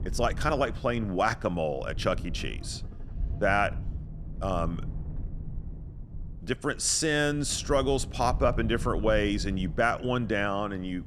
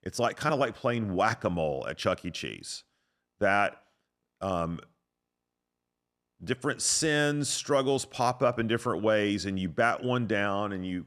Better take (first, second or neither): second